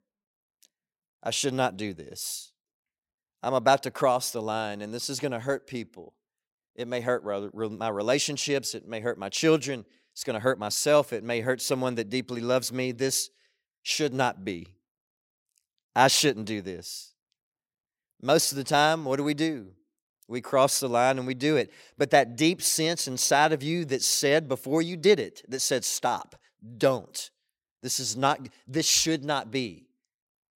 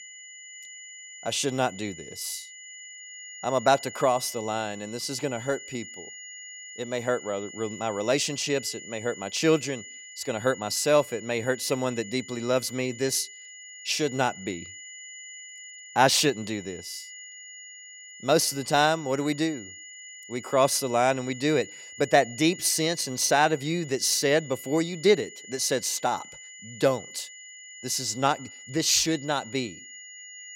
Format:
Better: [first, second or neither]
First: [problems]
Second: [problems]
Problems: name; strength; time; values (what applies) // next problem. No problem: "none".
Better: first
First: none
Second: high-pitched whine; noticeable; throughout; 2 kHz, 15 dB below the speech